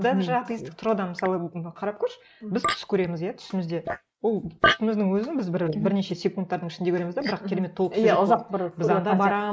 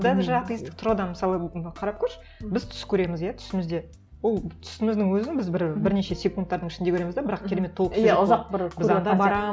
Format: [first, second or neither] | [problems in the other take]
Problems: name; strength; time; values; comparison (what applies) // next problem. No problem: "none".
second | noise reduction (neural mask model Resemble Enhance denoiser)